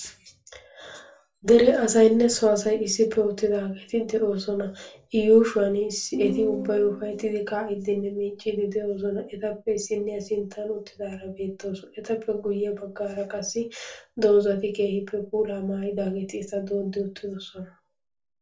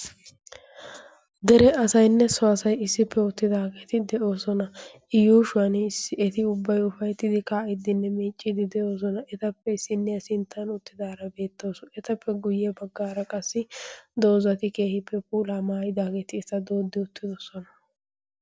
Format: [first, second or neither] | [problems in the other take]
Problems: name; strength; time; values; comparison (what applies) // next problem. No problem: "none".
second | noise reduction (neural separator model SepFormer DNS4)